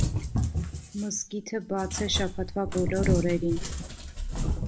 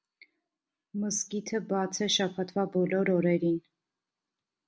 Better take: second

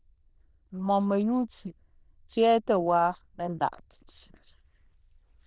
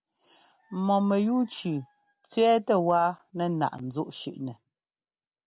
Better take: second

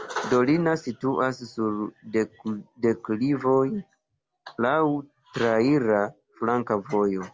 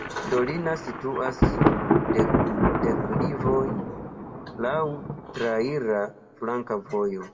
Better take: first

